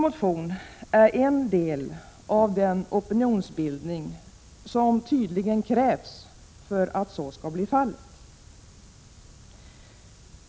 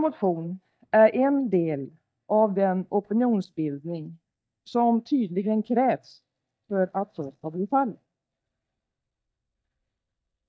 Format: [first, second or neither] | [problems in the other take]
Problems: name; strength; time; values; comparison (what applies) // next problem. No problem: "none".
first | noise reduction (neural mask model DeepFilterNet 3)